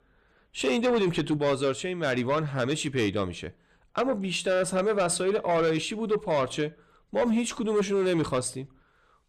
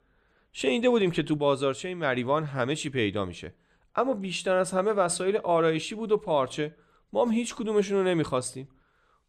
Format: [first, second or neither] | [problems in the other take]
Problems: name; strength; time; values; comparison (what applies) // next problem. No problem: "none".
second | distortion; slight; 10 dB below the speech